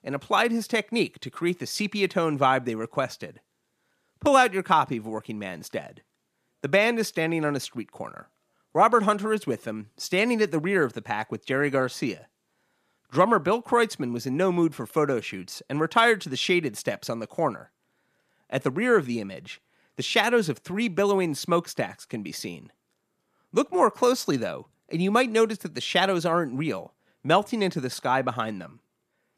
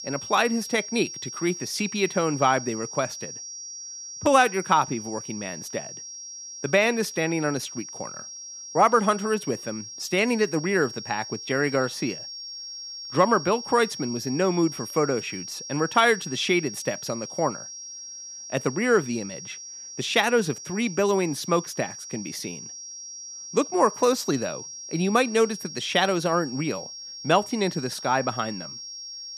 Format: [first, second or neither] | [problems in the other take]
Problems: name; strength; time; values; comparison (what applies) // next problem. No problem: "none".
first | high-pitched whine; noticeable; throughout; 5.5 kHz, 10 dB below the speech